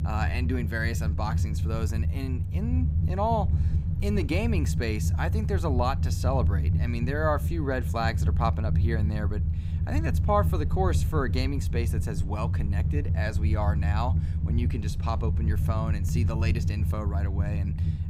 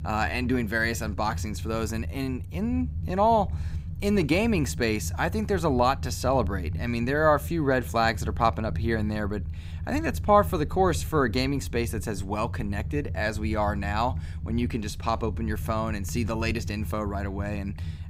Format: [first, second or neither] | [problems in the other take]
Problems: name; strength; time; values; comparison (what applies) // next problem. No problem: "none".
second | low rumble; loud; throughout; 9 dB below the speech; faint in the second